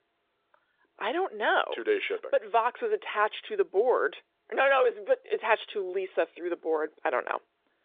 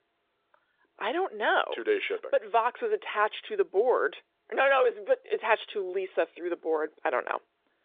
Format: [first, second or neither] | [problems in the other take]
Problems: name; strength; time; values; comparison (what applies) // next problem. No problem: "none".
neither | phone-call audio; the same in both